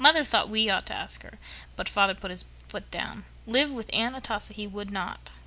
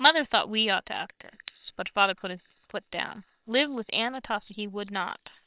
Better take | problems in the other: first | noise reduction (neural separator model SepFormer WHAM!)

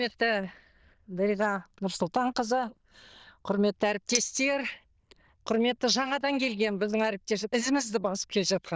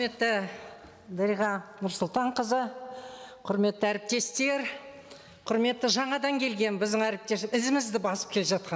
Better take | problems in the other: second | noise reduction (neural diffusion model UNIVERSE++)

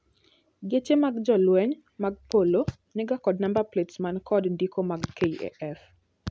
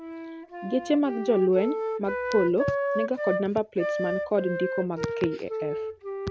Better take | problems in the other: first | background sound (Wind instrument, woodwind instrument); 4 dB below the speech

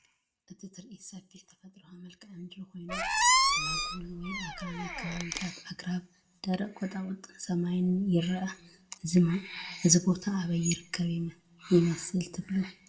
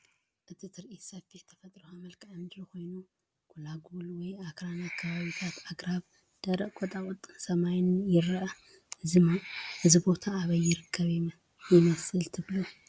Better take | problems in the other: second | background sound (Squeak); 2 dB above the speech // room echo; dies away in 0.3 s

